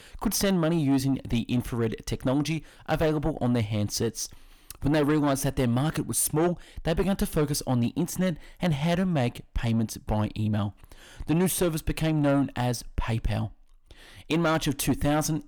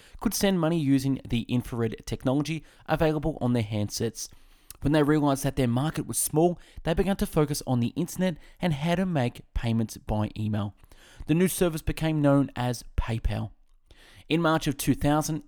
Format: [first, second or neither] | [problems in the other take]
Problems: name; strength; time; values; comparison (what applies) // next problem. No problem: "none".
second | distortion; slight; 10 dB below the speech